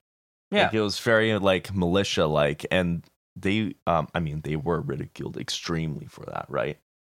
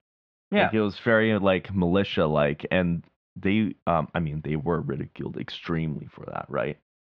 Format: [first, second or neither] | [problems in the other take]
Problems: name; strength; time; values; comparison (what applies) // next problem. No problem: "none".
first | muffled; very; fading above 3 kHz